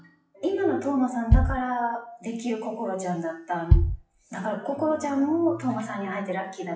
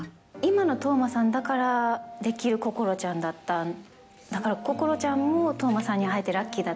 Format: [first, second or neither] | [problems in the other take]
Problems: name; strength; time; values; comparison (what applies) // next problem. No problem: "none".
second | noise reduction (classical method WPE with log-MMSE)